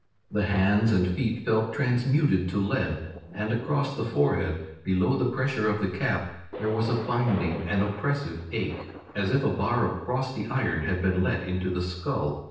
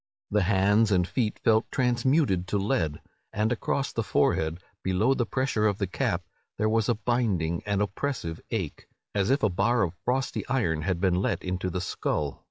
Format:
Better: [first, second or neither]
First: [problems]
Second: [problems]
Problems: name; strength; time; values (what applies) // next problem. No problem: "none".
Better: second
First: noise reduction (neural separator model SepFormer DNS4)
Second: none